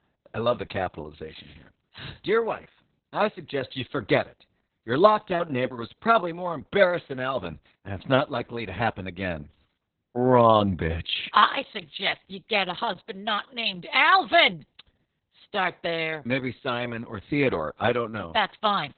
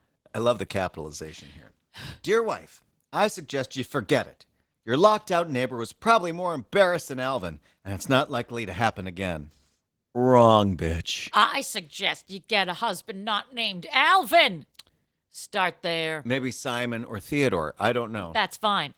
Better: second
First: garbled, watery; badly; nothing above 4 kHz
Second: garbled, watery; slightly; nothing above 19 kHz

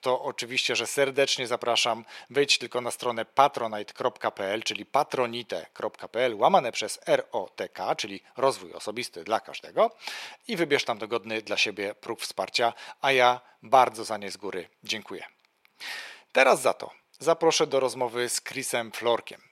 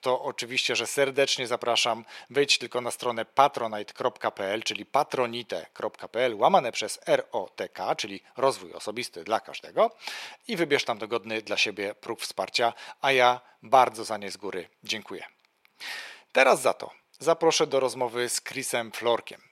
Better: neither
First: thin; very; fading below 450 Hz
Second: thin; very; fading below 450 Hz

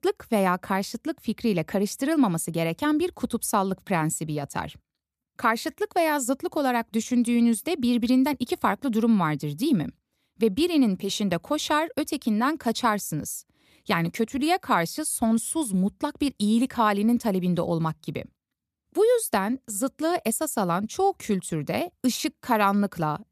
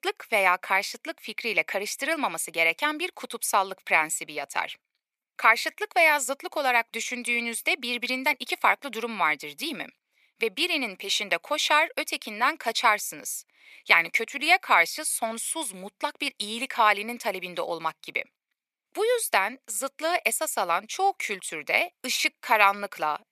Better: first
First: none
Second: thin; very; fading below 650 Hz

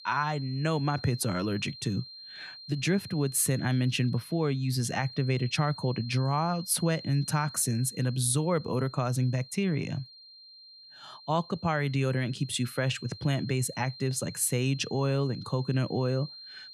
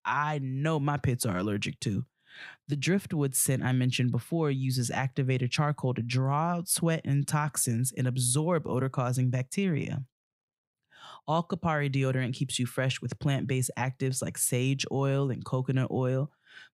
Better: second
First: high-pitched whine; noticeable; throughout; 4 kHz, 15 dB below the speech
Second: none

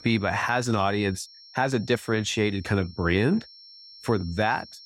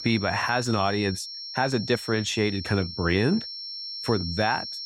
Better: first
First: high-pitched whine; faint; throughout; 5.5 kHz, 20 dB below the speech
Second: high-pitched whine; loud; throughout; 5.5 kHz, 8 dB below the speech

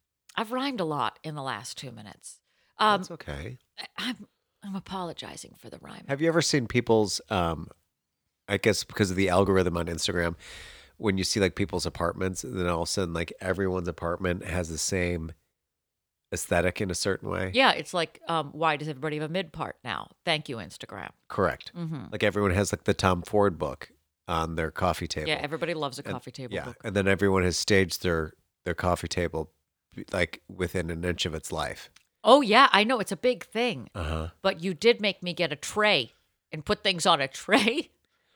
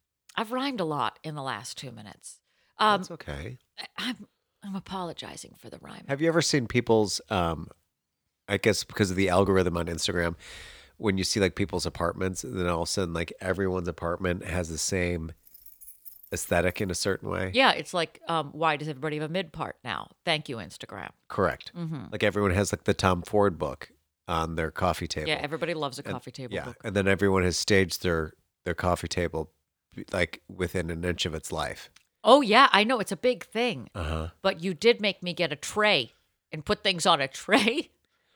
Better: first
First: none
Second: jangling keys; faint; from 15 to 17 s; peak 15 dB below the speech

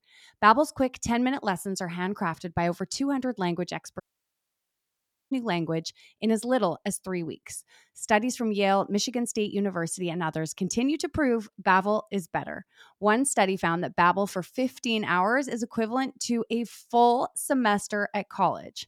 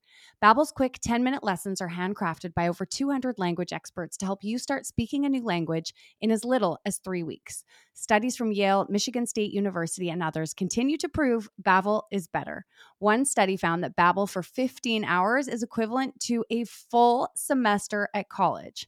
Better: second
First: audio cutting out; at 4 s for 1.5 s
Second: none

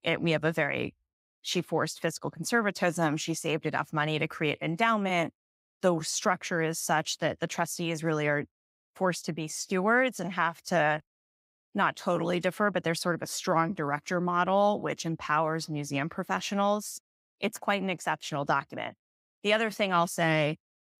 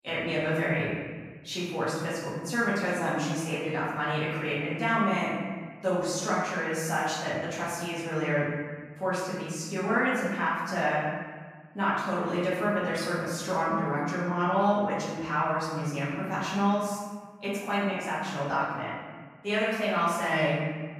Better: first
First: none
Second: room echo; strong; dies away in 1.4 s // off-mic speech; far

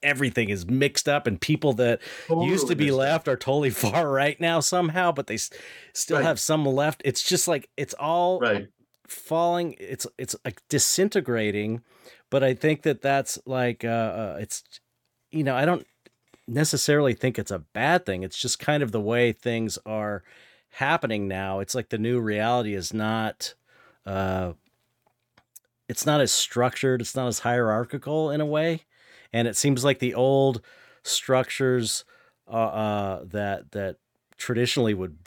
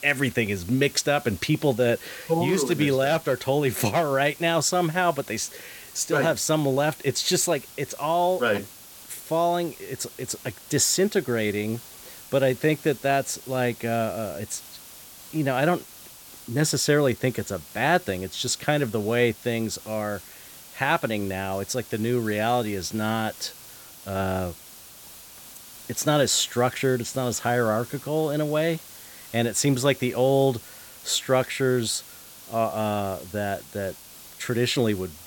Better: first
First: none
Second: hiss; noticeable; throughout; 15 dB below the speech

